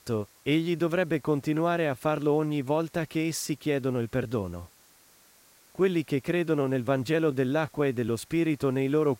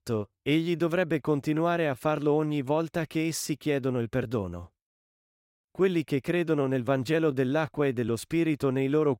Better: second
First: hiss; faint; throughout; 30 dB below the speech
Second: none

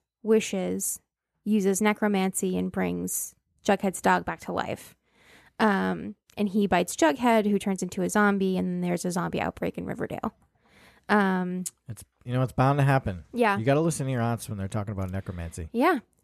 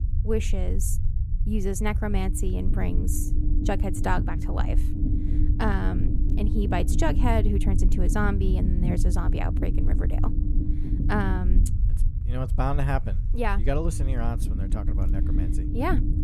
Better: first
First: none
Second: low rumble; loud; throughout; 8 dB below the speech

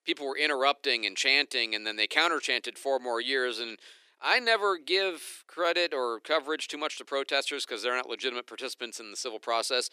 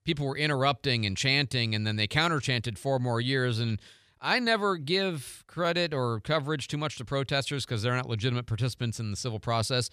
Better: second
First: thin; very; fading below 300 Hz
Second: none

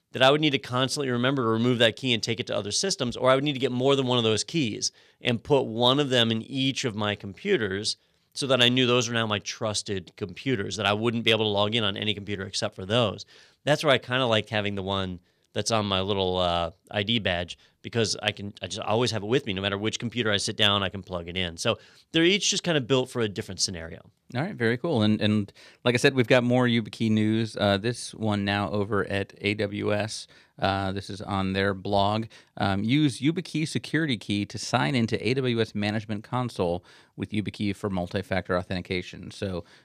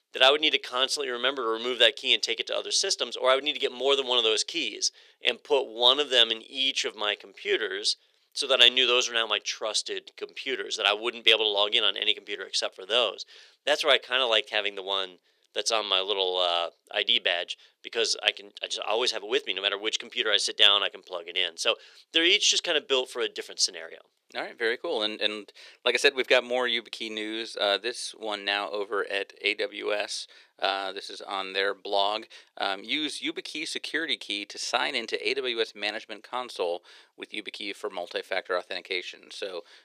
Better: first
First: none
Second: thin; very; fading below 400 Hz

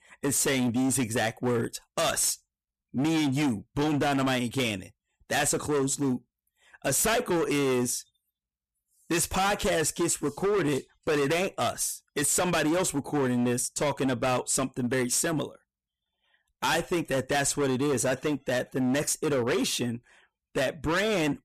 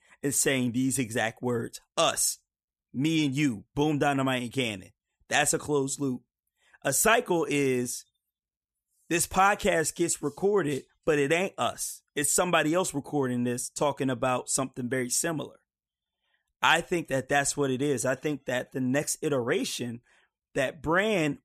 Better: second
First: distortion; heavy; 19% of the sound clipped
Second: none

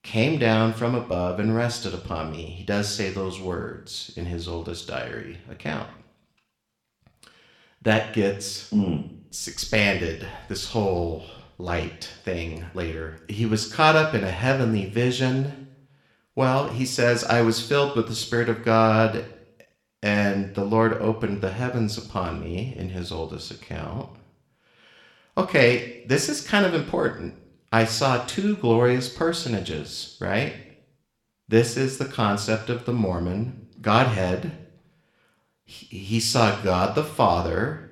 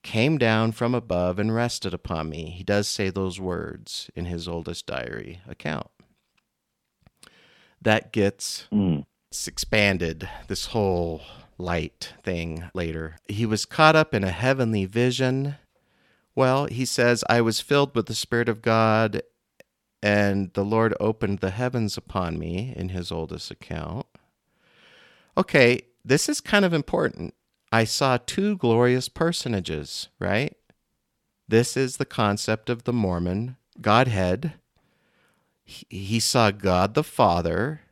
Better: second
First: room echo; very slight; dies away in 0.6 s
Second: none

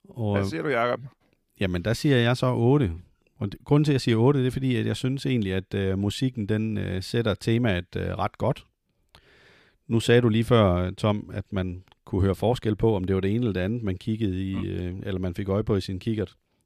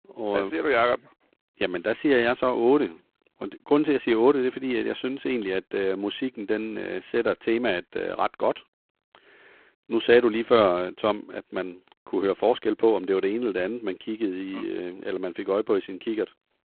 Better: first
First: none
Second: phone-call audio; poor line

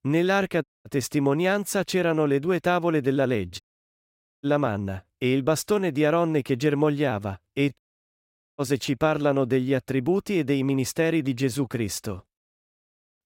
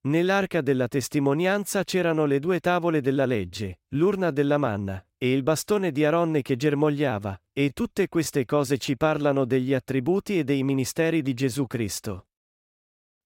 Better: second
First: audio cutting out; at 0.5 s, at 3.5 s for 1 s and at 8 s for 1 s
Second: none

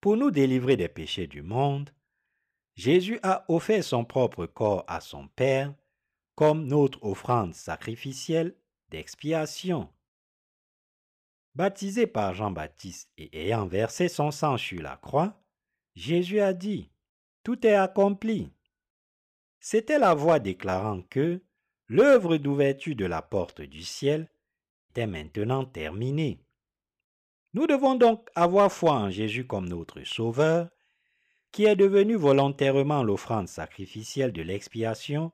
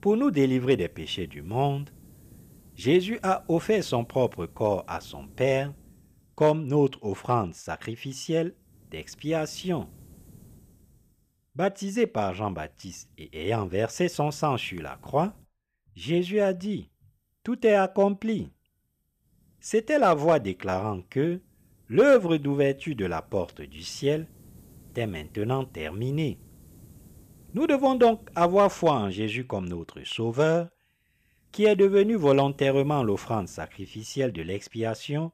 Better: first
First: none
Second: hiss; faint; throughout; 30 dB below the speech

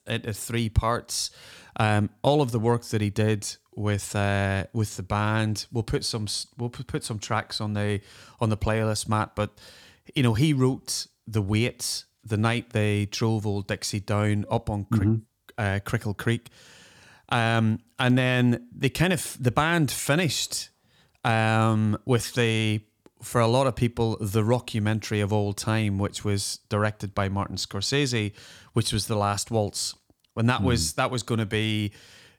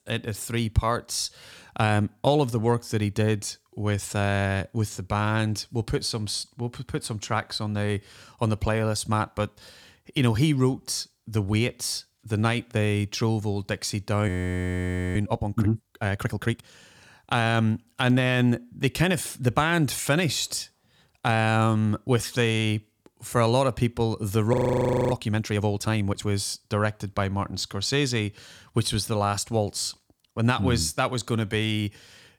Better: first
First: none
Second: audio freezing; at 14 s for 1 s and at 25 s for 0.5 s

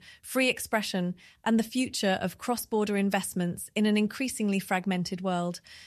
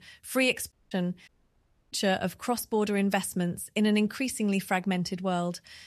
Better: first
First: none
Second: audio cutting out; at 0.5 s and at 1.5 s for 0.5 s

